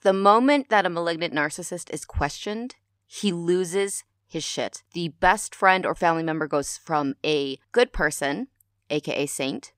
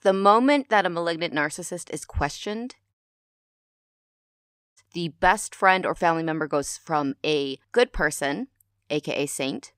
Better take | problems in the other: first | audio cutting out; at 3 s for 2 s

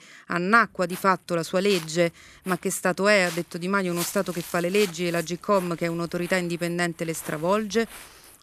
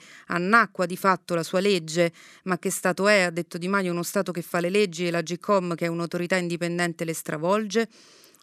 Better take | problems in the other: second | footsteps; noticeable; from 1 s on; peak 8 dB below the speech

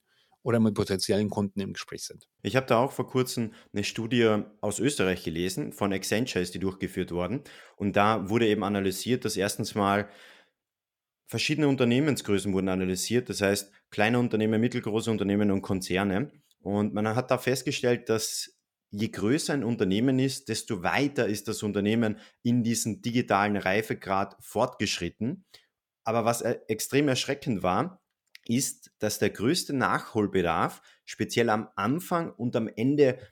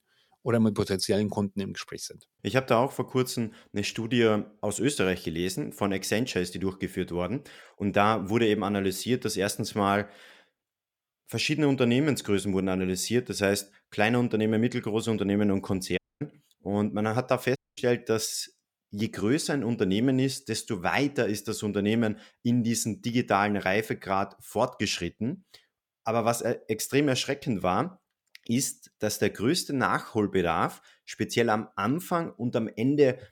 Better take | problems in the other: first | audio cutting out; at 16 s and at 18 s

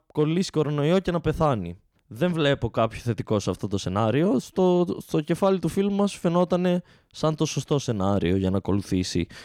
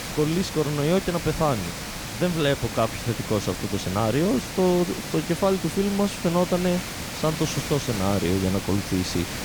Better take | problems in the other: first | hiss; loud; throughout; 7 dB below the speech

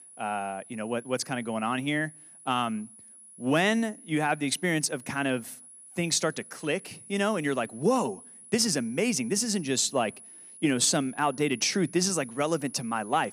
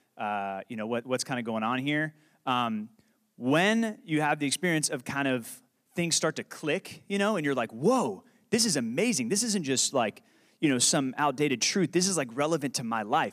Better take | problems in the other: second | high-pitched whine; noticeable; throughout; 10 kHz, 20 dB below the speech

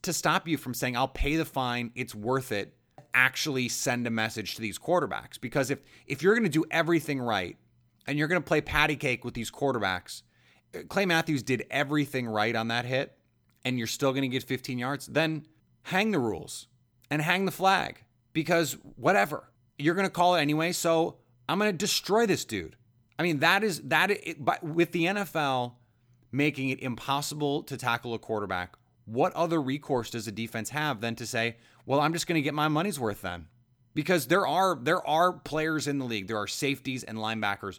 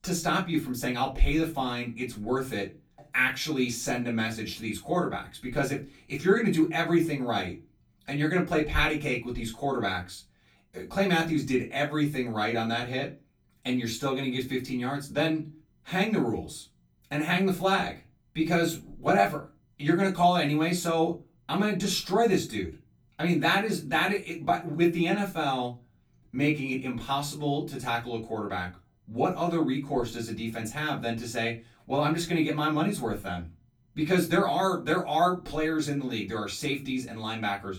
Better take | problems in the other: first | off-mic speech; far // room echo; very slight; dies away in 0.2 s

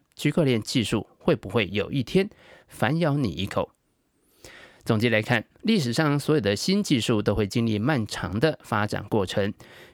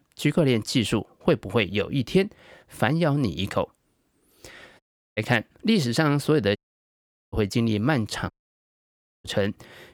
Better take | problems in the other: first | audio cutting out; at 5 s, at 6.5 s for 1 s and at 8.5 s for 1 s

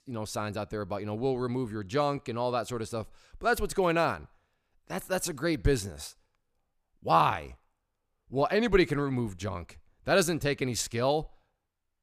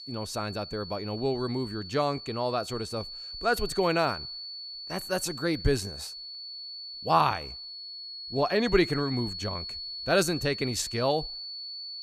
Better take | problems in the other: first | high-pitched whine; loud; throughout; 4.5 kHz, 8 dB below the speech

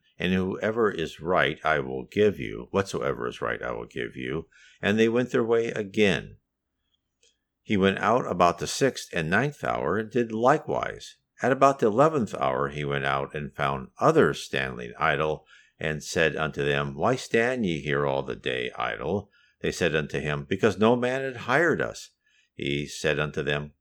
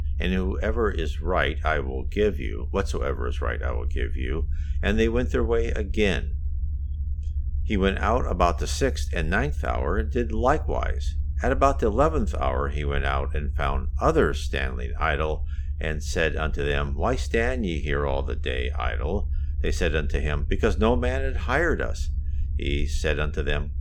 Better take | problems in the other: first | low rumble; faint; throughout; 25 dB below the speech

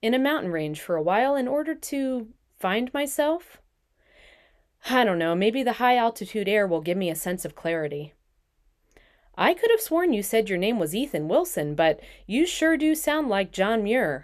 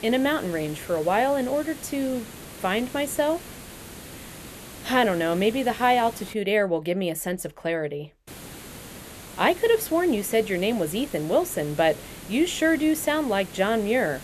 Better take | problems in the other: first | hiss; noticeable; until 6.5 s and from 8.5 s on; 15 dB below the speech

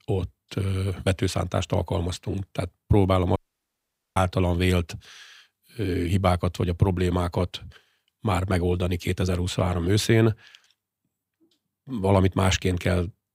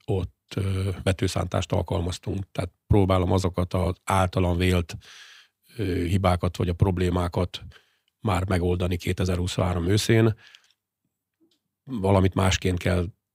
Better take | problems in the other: second | audio cutting out; at 3.5 s for 1 s

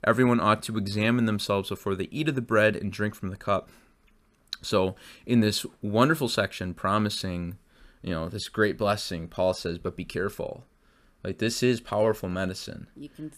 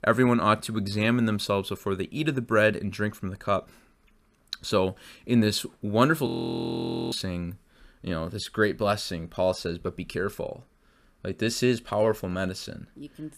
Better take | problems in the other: first | audio freezing; at 6.5 s for 1 s

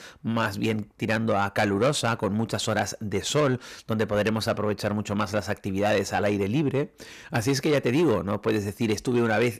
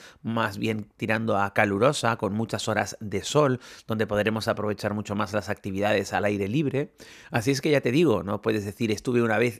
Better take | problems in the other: second | distortion; slight; 10 dB below the speech

